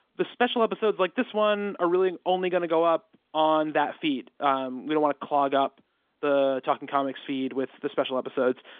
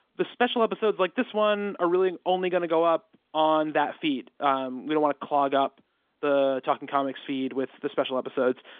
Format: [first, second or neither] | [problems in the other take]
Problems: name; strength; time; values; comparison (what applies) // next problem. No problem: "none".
neither | phone-call audio; nothing above 3.5 kHz; the same in both